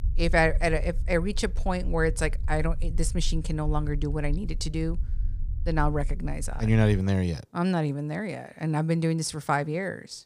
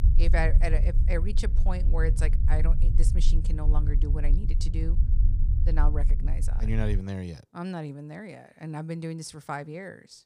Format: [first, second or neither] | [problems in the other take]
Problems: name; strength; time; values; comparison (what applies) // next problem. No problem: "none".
first | low rumble; loud; until 7 s; 9 dB below the speech; faint in the first